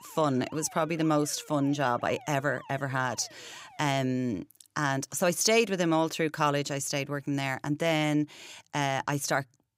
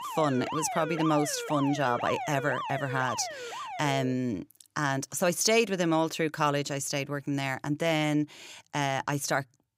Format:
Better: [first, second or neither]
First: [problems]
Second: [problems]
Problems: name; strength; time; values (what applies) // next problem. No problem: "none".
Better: first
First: alarms or sirens; faint; until 4 s; 20 dB below the speech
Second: alarms or sirens; loud; until 4 s; 7 dB below the speech